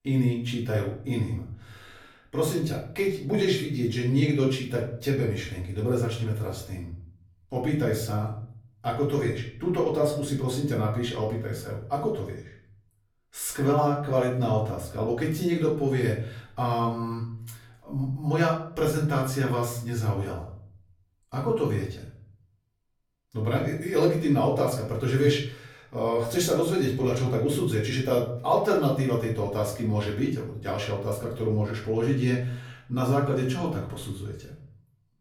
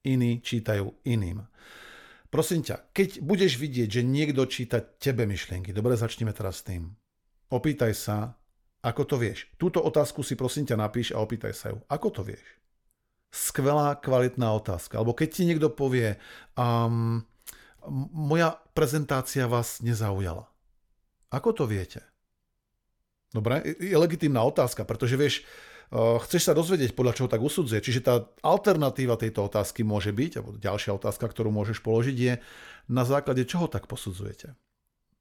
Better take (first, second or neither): second